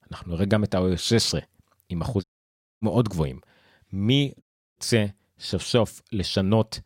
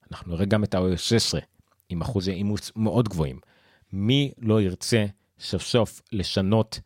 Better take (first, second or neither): second